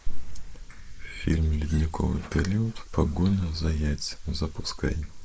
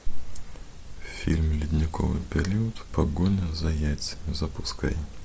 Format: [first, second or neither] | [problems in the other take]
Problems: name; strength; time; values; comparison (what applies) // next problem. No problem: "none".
second | noise reduction (neural mask model Resemble Enhance denoiser)